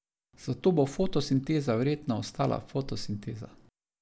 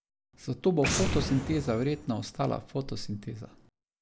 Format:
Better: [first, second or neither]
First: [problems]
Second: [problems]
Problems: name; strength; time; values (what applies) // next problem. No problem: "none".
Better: first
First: none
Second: background sound (Boom); 6 dB below the speech